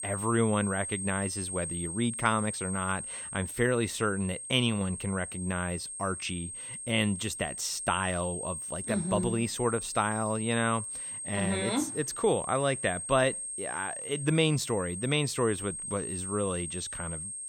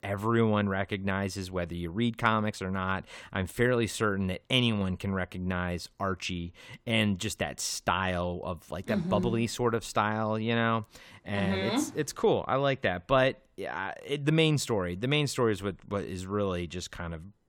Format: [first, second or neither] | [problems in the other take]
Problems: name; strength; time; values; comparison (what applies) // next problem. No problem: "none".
second | high-pitched whine; loud; throughout; 8.5 kHz, 5 dB below the speech